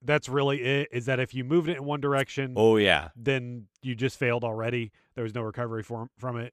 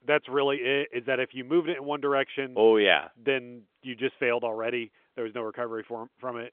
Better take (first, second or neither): first